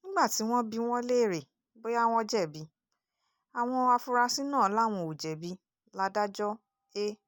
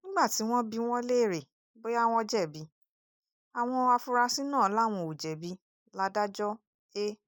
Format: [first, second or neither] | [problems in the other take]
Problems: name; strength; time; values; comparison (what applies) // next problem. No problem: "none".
first | noise reduction (neural mask model Resemble Enhance denoiser)